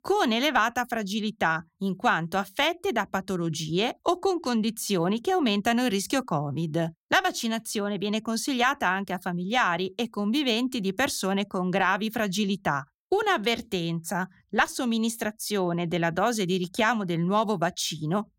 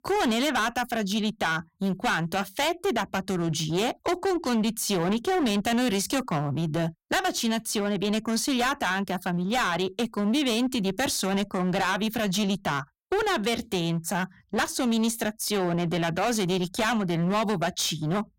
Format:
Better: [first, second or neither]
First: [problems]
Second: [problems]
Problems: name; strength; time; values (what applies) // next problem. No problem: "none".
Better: first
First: none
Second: distortion; heavy; 20% of the sound clipped